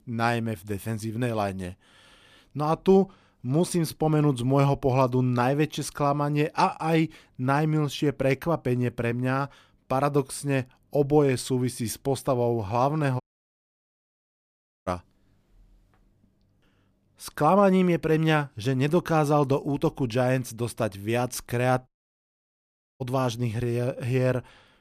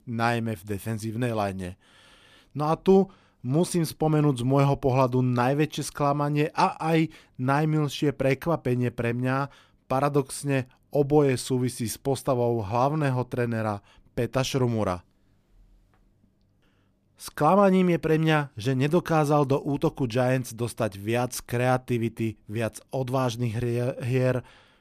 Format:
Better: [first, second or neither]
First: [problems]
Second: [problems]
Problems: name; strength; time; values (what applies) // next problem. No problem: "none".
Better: second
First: audio cutting out; at 13 s for 1.5 s and at 22 s for 1 s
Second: none